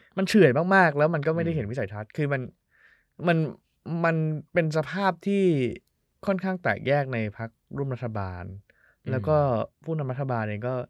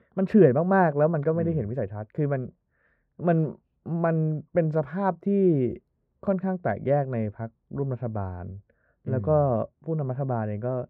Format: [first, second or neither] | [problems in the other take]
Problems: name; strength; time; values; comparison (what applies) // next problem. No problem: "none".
first | muffled; very; fading above 2 kHz